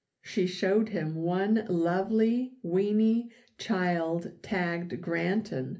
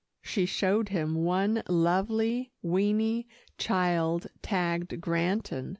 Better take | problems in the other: second | room echo; dies away in 0.3 s

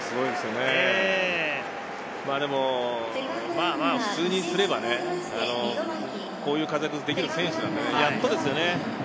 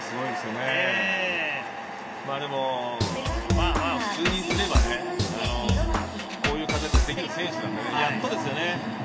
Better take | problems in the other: first | background sound (Drum kit); 2 dB above the speech // room echo; dies away in 2.4 s

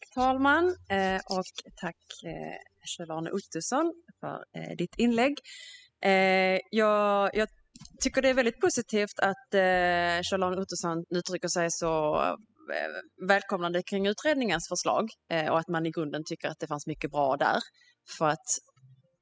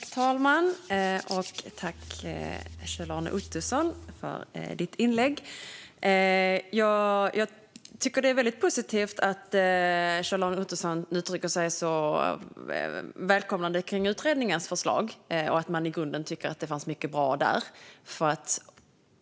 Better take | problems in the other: second | noise reduction (classical method spectral subtraction)

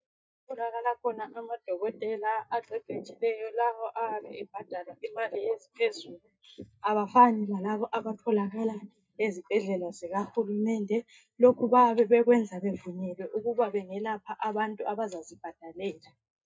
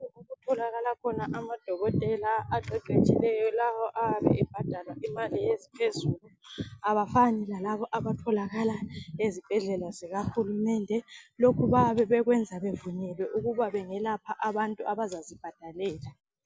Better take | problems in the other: second | noise reduction (neural mask model DeepFilterNet 3)

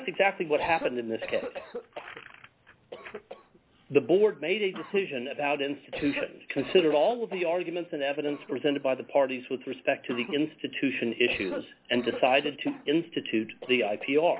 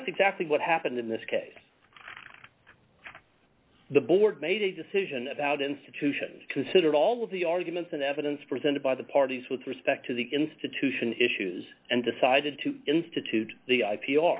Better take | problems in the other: second | background sound (Cough); 15 dB below the speech

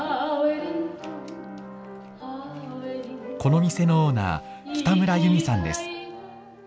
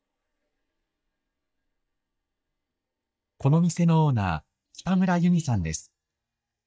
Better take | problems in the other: first | noise reduction (neural mask model DeepFilterNet 3)

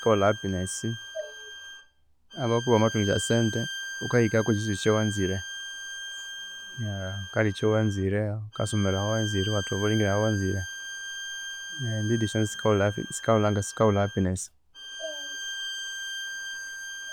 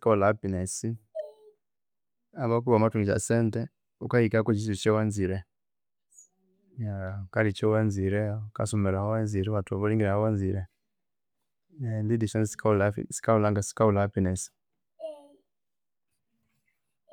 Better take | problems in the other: second | background sound (Bowed string instrument); 10 dB below the speech

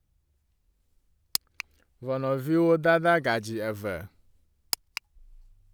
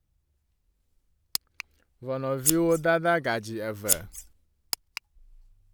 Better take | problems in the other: first | background sound (Scissors); 1 dB above the speech

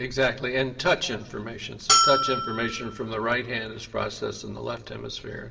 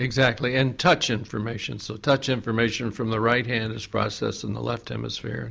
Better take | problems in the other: second | background sound (Bell); 4 dB above the speech // room echo; dies away in 2.8 s

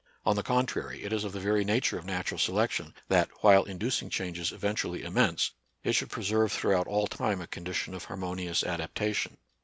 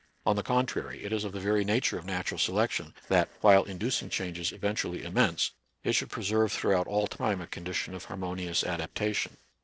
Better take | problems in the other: first | noise reduction (neural separator model SepFormer DNS4)

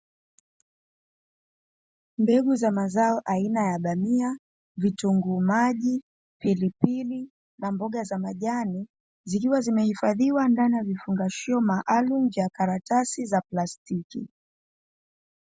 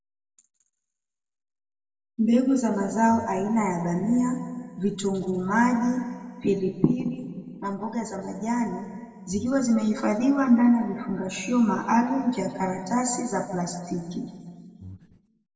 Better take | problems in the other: first | background sound (Breathing); 19 dB below the speech // room echo; dies away in 1.6 s

